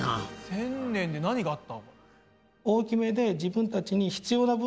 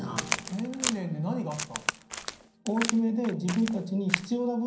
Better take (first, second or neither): first